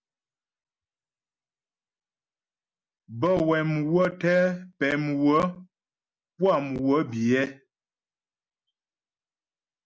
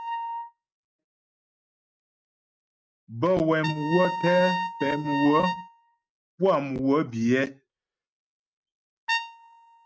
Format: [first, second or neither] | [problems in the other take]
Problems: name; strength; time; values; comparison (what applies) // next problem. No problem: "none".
first | noise reduction (neural mask model RNNoise)